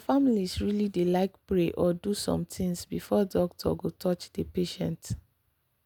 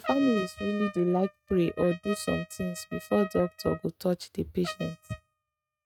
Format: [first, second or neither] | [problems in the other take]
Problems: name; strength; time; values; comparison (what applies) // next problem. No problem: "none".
first | noise reduction (neural mask model RNNoise)